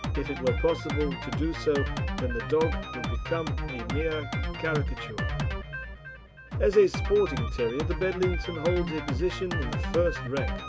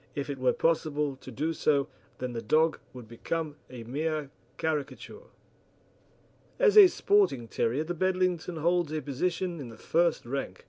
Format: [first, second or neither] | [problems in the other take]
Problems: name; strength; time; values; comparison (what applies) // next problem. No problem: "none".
second | background sound (Drum kit); 2 dB below the speech